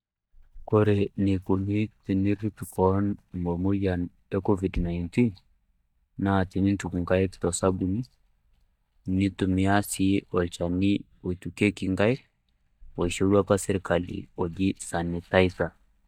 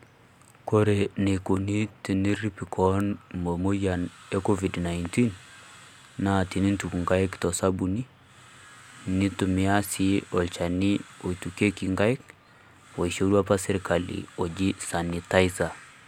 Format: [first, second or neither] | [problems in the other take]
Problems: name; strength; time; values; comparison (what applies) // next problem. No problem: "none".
second | noise reduction (neural mask model DeepFilterNet 3)